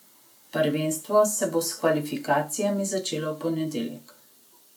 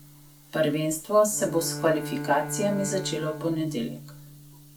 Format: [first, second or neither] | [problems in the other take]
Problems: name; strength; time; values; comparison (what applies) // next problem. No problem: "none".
first | background sound (Bowed string instrument); 11 dB below the speech